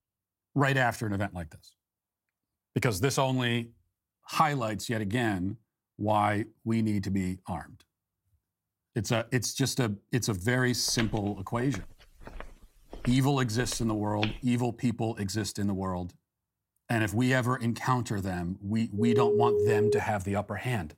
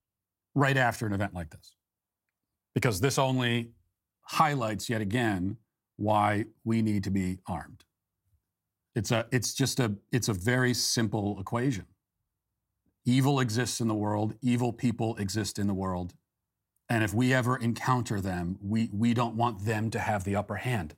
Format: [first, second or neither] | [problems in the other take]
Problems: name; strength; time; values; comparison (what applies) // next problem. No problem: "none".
second | footsteps; noticeable; from 11 to 14 s; peak 7 dB below the speech // phone ringing; loud; from 19 to 20 s; peak 4 dB above the speech